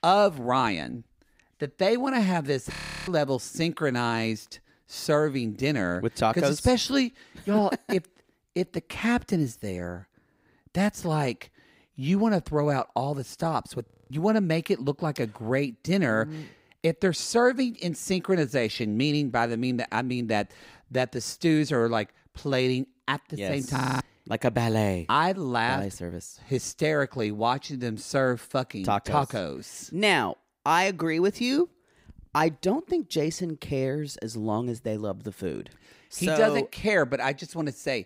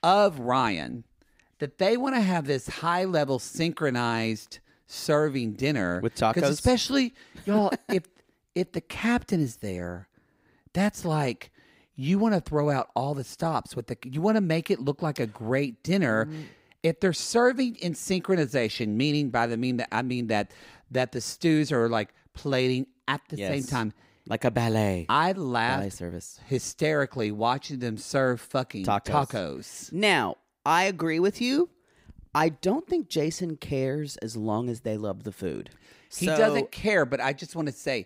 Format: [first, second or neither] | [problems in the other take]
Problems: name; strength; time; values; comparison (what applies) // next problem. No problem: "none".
second | audio freezing; at 2.5 s, at 14 s and at 24 s